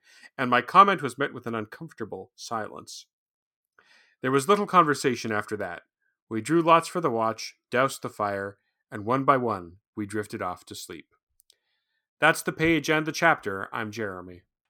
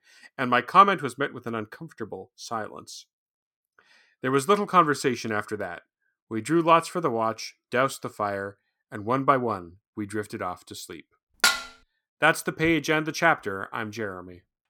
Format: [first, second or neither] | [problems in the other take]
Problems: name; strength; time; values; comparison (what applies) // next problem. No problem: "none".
first | clattering dishes; loud; at 11 s; peak 3 dB above the speech